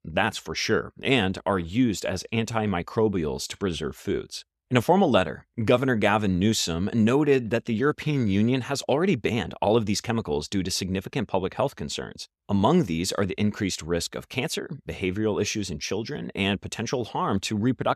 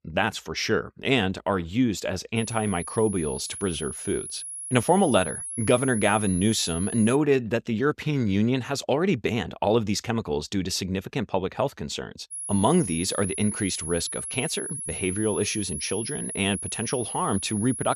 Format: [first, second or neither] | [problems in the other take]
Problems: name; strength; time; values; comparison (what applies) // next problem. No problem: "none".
first | high-pitched whine; loud; from 2.5 to 7 s and from 12 s on; 10.5 kHz, 6 dB below the speech